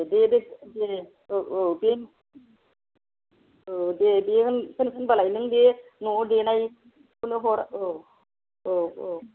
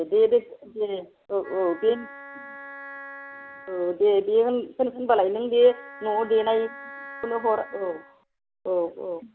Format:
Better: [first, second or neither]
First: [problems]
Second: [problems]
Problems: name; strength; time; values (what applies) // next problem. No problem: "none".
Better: first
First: none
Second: background sound (Wind instrument, woodwind instrument); 17 dB below the speech